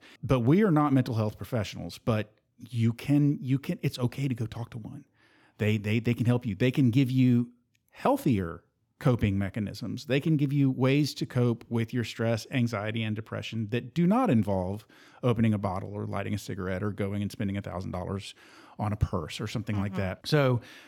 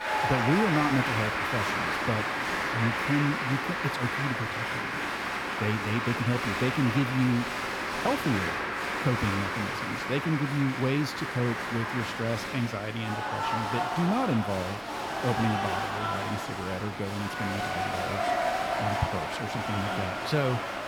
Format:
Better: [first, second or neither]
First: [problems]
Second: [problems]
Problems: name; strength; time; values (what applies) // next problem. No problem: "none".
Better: first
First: none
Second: crowd noise; very loud; throughout; 1 dB above the speech